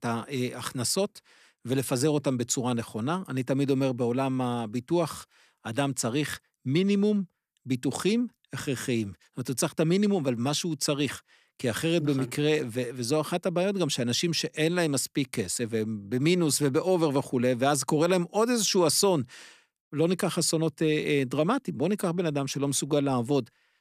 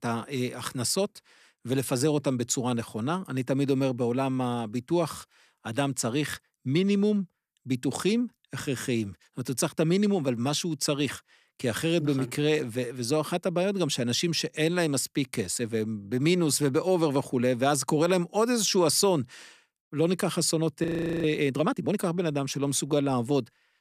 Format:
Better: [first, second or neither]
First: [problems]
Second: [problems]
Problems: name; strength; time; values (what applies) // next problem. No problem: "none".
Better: first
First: none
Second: audio freezing; at 21 s